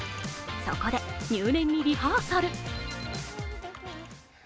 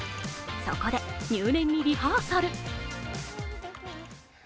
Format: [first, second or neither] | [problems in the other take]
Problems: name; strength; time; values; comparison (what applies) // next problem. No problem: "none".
second | background sound (Alarm); 20 dB below the speech